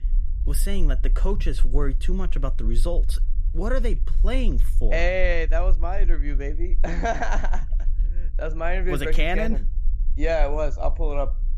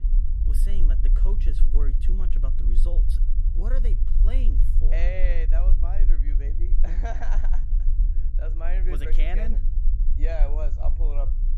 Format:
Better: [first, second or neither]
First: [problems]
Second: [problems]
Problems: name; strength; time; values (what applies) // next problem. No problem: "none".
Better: first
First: low rumble; faint; throughout; 25 dB below the speech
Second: low rumble; loud; throughout; 9 dB below the speech